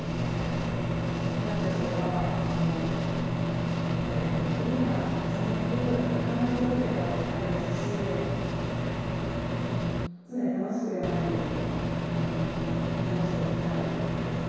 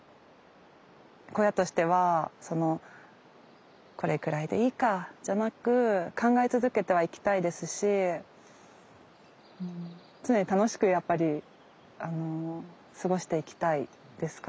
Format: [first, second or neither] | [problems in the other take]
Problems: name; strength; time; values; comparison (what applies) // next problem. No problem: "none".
second | background sound (Microwave oven); 4 dB above the speech // room echo; dies away in 2 s